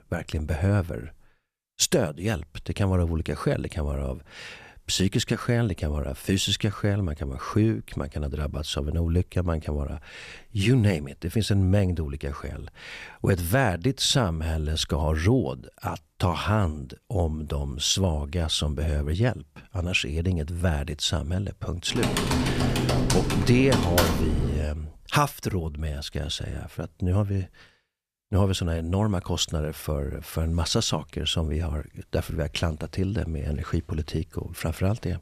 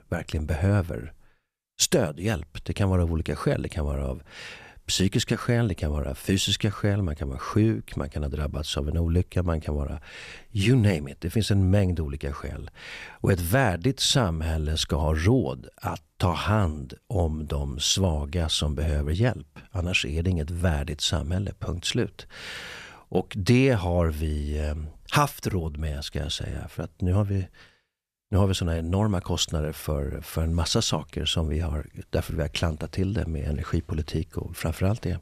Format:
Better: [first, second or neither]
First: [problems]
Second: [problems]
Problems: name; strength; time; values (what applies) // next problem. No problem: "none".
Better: second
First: keyboard typing; loud; from 22 to 25 s; peak 4 dB above the speech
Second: none